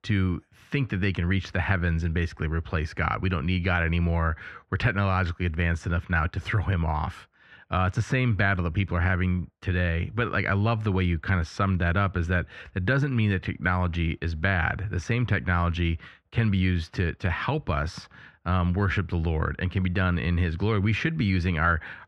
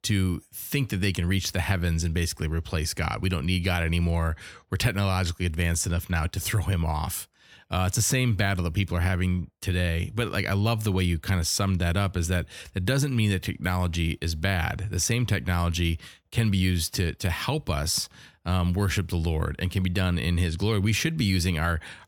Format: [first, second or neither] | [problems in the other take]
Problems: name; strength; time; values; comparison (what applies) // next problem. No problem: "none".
second | muffled; very; fading above 2 kHz